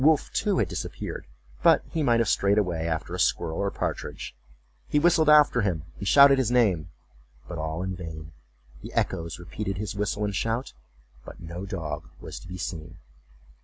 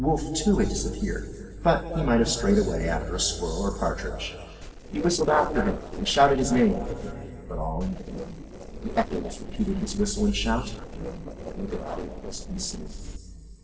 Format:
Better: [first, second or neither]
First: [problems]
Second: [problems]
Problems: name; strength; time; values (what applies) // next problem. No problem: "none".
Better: first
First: none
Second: noise reduction (neural separator model SepFormer DNS4)